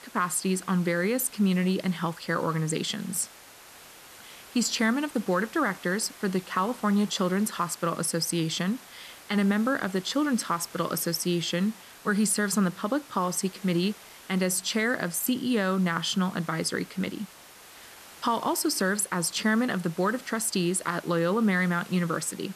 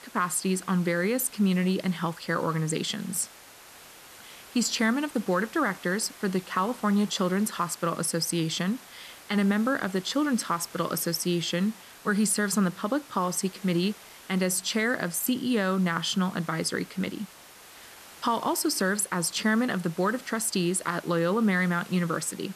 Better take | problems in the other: neither | hiss; noticeable; throughout; 20 dB below the speech; the same in both

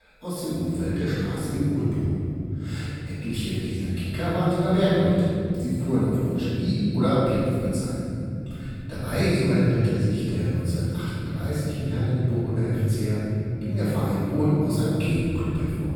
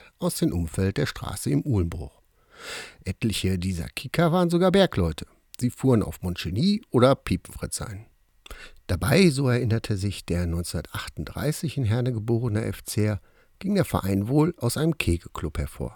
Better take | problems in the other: second | room echo; strong; dies away in 3 s // off-mic speech; far

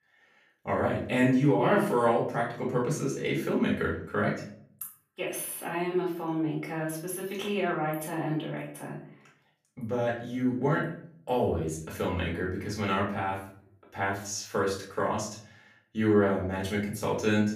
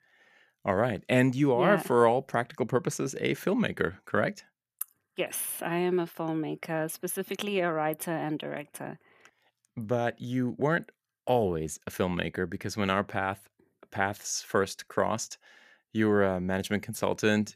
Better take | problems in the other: second | room echo; slight; dies away in 0.5 s // off-mic speech; far

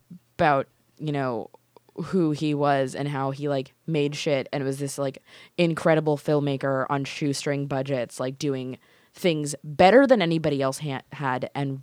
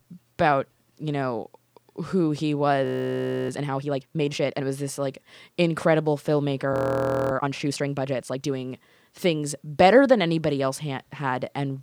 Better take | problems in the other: first | audio freezing; at 3 s for 0.5 s and at 6.5 s for 0.5 s

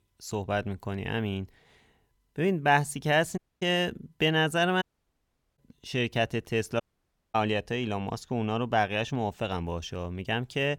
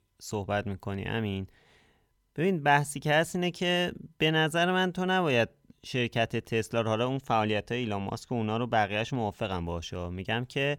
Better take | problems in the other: second | audio cutting out; at 3.5 s, at 5 s for 1 s and at 7 s for 0.5 s

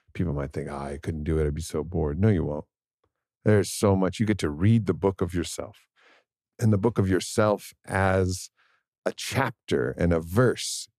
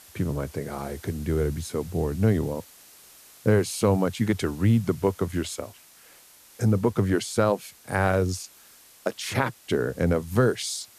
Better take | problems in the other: first | hiss; faint; throughout; 25 dB below the speech

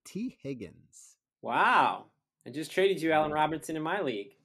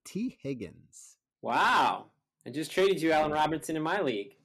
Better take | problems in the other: first | distortion; slight; 4% of the sound clipped

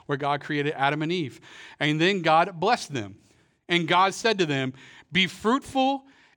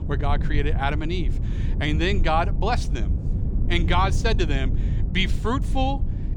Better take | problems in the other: first | low rumble; noticeable; throughout; 15 dB below the speech

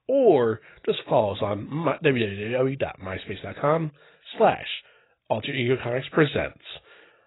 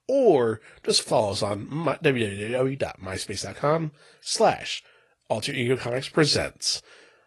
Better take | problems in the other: second | garbled, watery; badly; nothing above 4 kHz; slightly in the second

